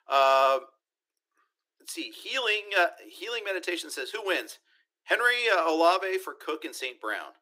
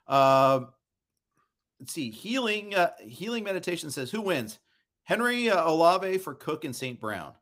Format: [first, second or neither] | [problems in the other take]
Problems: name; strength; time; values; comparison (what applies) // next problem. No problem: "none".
second | thin; very; fading below 300 Hz